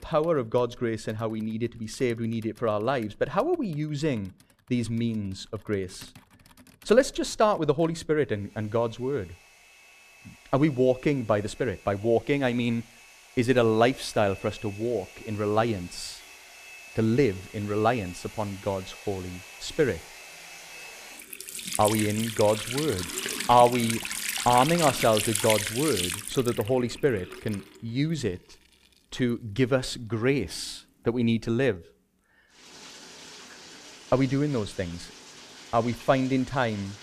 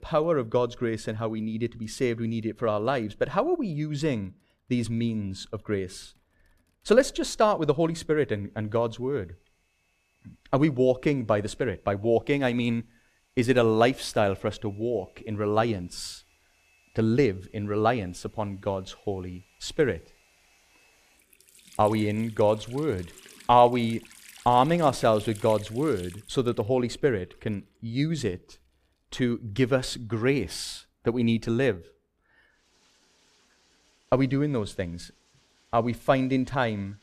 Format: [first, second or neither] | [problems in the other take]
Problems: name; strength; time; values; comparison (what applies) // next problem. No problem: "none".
second | household noises; loud; throughout; 8 dB below the speech; faint in the second